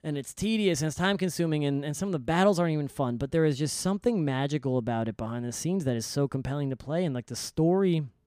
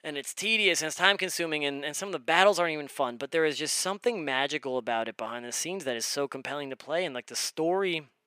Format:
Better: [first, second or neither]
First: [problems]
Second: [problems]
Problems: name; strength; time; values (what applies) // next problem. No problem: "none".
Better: first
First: none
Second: thin; very; fading below 550 Hz